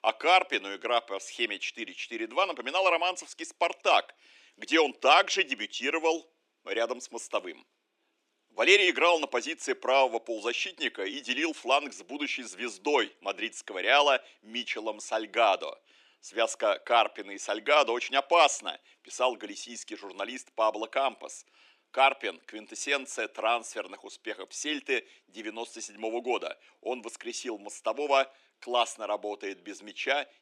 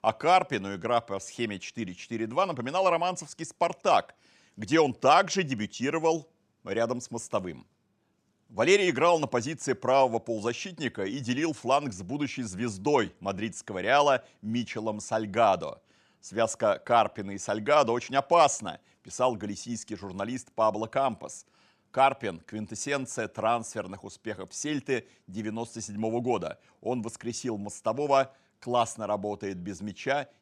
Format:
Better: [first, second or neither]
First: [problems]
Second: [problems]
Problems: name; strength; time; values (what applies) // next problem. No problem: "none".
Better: second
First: thin; somewhat; fading below 300 Hz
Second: none